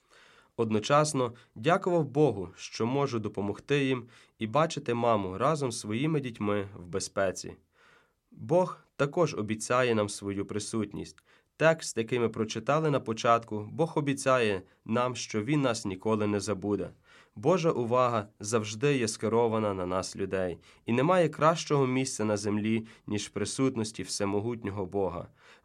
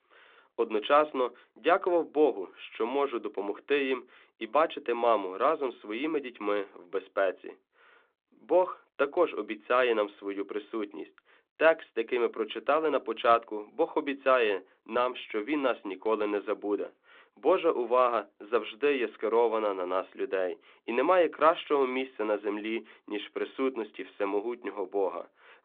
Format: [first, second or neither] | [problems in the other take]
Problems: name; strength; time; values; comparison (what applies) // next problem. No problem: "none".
first | phone-call audio